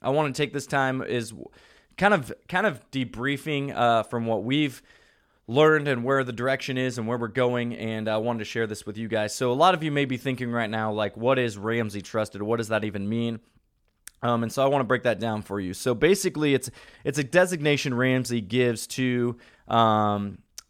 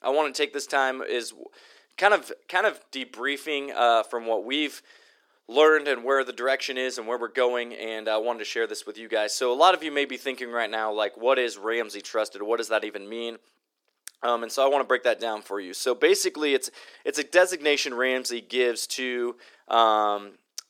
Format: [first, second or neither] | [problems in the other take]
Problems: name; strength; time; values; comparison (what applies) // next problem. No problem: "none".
first | thin; somewhat; fading below 350 Hz